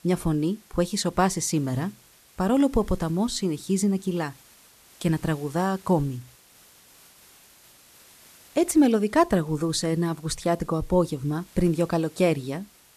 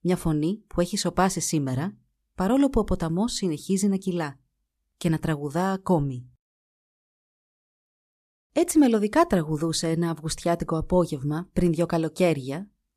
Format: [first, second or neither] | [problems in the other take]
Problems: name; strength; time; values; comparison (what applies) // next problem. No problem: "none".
second | hiss; faint; throughout; 25 dB below the speech